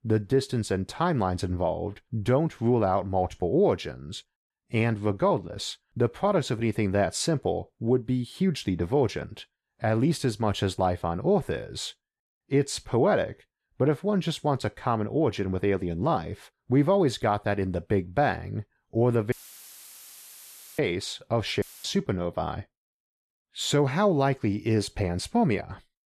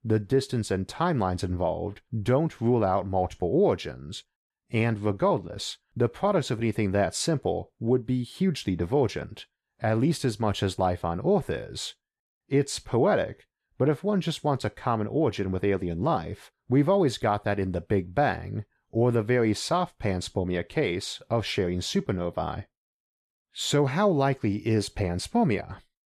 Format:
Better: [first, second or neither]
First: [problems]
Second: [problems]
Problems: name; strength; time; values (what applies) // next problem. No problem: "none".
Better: second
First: audio cutting out; filled with static; at 19 s for 1.5 s and at 22 s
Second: none